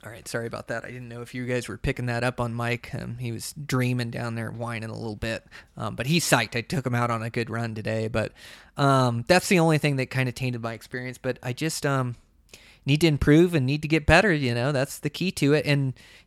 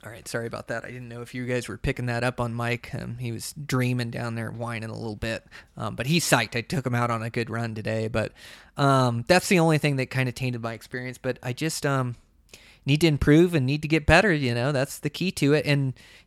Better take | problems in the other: neither | none

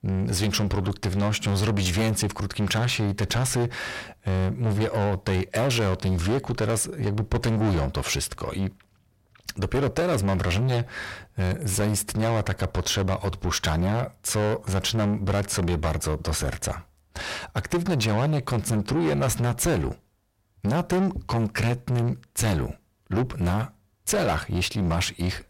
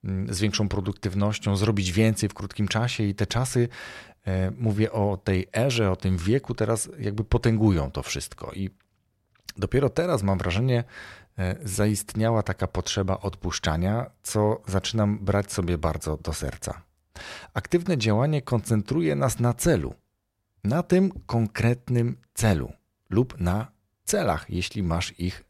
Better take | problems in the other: second | distortion; heavy; 7 dB below the speech

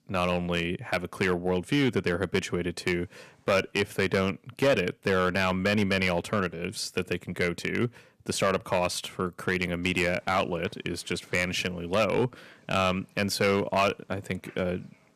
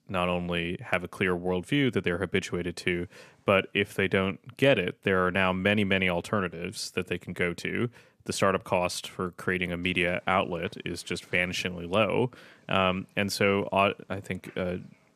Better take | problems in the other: second | distortion; slight; 3% of the sound clipped

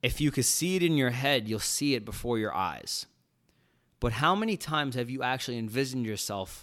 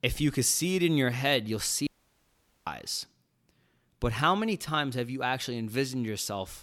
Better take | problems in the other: first | audio cutting out; at 2 s for 1 s

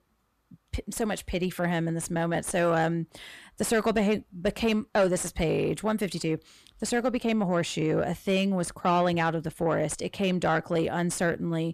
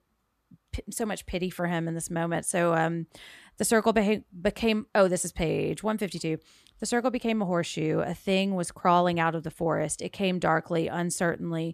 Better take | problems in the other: second | distortion; slight; 10 dB below the speech

